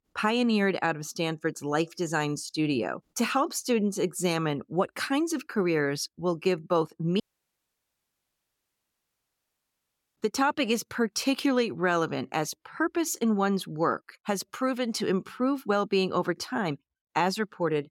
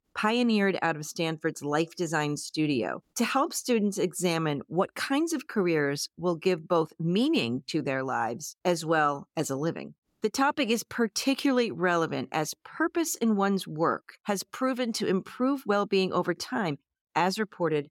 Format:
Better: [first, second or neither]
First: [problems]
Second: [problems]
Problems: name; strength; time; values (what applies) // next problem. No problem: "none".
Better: second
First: audio cutting out; at 7 s for 3 s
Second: none